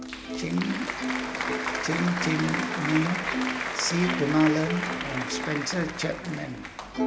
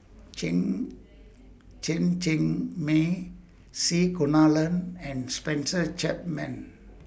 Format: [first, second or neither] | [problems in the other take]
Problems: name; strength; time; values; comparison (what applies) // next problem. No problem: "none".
second | background sound (Plucked string instrument + Applause); 2 dB below the speech